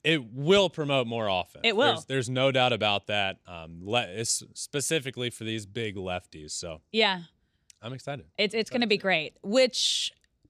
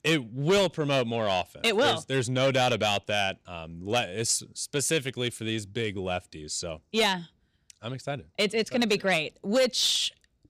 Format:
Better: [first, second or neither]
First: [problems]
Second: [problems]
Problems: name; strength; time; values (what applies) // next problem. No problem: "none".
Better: first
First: none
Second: distortion; slight; 10 dB below the speech